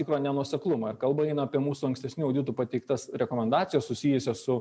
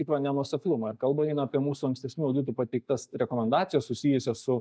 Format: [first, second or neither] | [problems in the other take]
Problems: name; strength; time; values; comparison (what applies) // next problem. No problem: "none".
first | noise reduction (neural mask model DeepFilterNet 3)